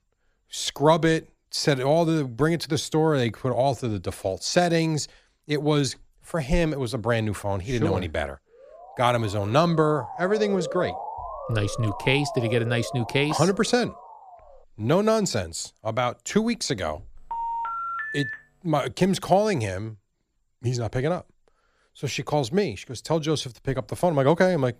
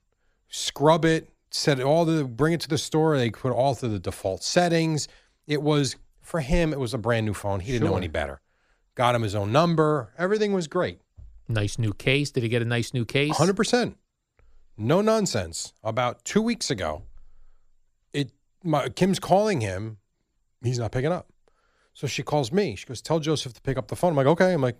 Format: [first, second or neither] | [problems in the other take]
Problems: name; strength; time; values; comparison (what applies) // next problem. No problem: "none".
second | siren; noticeable; from 8.5 to 14 s; peak 7 dB below the speech // phone ringing; noticeable; from 17 to 18 s; peak 4 dB below the speech